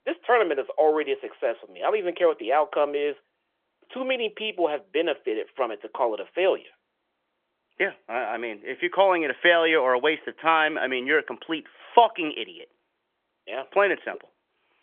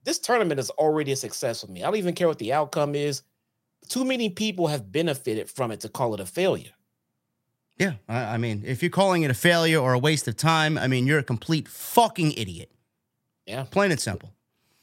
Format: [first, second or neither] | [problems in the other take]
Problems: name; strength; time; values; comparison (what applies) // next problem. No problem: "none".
second | phone-call audio; nothing above 3.5 kHz